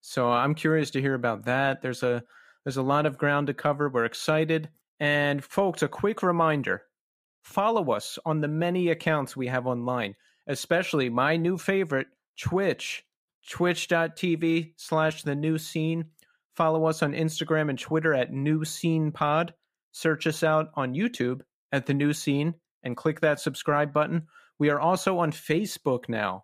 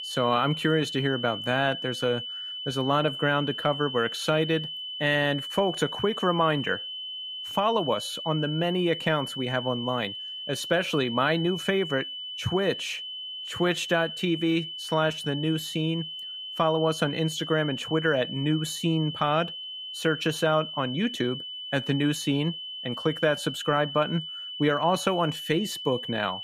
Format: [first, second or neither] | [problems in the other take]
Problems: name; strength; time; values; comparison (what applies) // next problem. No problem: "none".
first | high-pitched whine; loud; throughout; 3 kHz, 7 dB below the speech